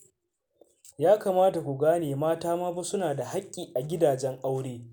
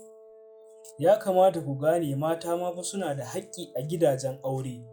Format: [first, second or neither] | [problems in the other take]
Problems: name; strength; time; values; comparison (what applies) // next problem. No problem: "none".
first | noise reduction (classical method log-MMSE)